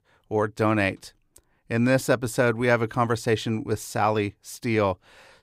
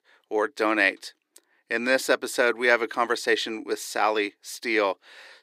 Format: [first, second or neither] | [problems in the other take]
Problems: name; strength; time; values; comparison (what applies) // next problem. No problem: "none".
first | thin; somewhat; fading below 350 Hz